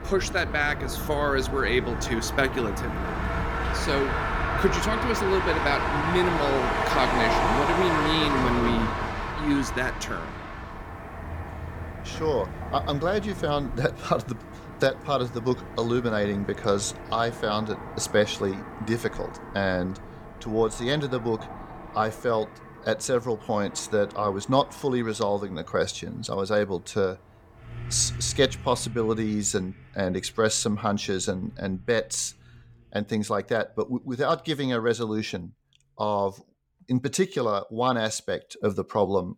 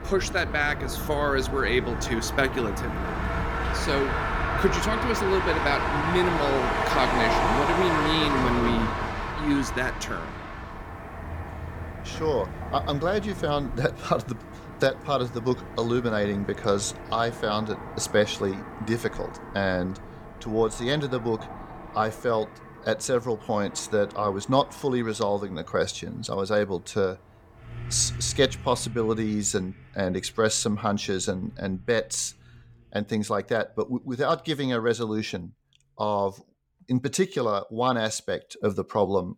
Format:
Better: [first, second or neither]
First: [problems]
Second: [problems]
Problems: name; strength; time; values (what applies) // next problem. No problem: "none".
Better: neither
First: traffic noise; loud; throughout; 4 dB below the speech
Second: traffic noise; loud; throughout; 4 dB below the speech